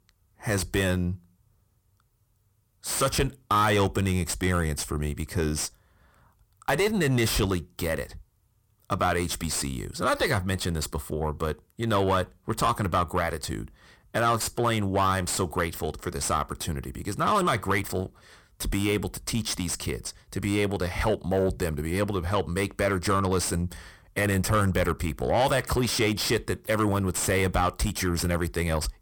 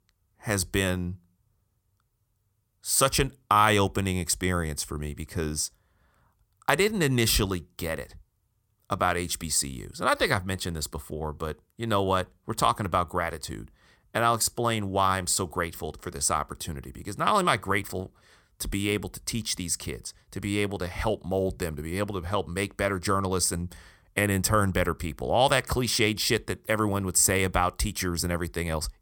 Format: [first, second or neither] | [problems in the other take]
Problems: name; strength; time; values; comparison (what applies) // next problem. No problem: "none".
second | distortion; heavy; 7 dB below the speech